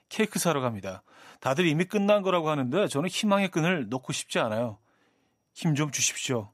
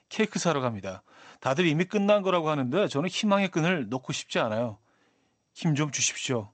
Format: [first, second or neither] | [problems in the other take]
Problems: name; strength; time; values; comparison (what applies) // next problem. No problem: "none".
first | garbled, watery; slightly